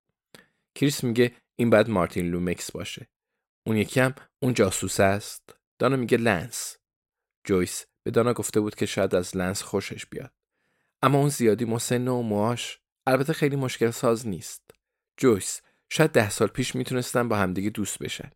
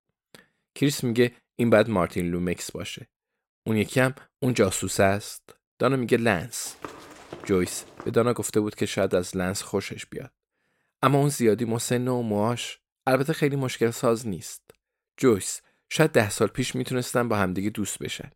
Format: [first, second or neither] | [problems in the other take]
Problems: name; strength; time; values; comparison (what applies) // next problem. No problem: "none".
first | footsteps; faint; from 6.5 to 8 s; peak 15 dB below the speech